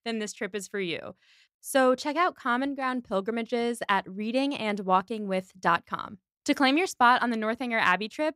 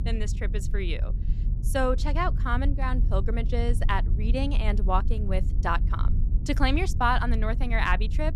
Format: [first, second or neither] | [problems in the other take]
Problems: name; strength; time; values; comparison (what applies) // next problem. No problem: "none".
first | low rumble; noticeable; throughout; 15 dB below the speech